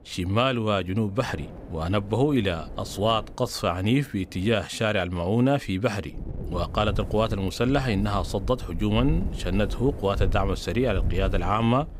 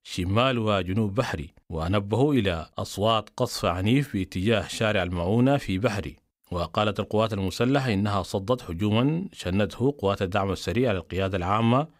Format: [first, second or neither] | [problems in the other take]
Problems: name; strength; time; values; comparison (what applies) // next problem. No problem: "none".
second | wind noise on the microphone; occasional gusts; until 4.5 s and from 6 s on; 20 dB below the speech